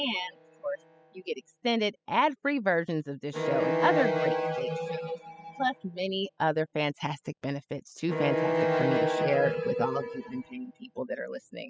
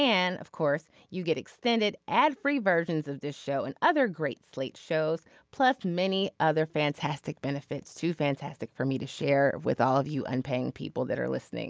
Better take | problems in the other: second | noise reduction (classical method spectral subtraction)

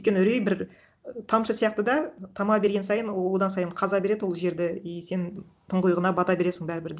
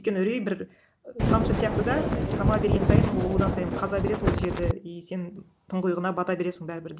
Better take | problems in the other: first | background sound (Wind); 5 dB above the speech

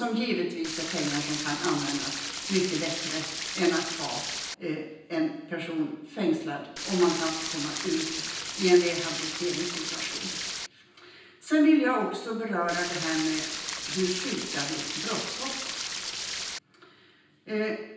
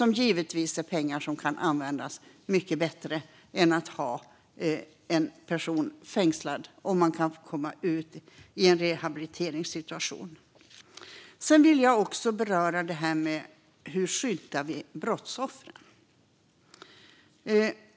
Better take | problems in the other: second | background sound (Stream); 4 dB below the speech // room echo; dies away in 0.9 s

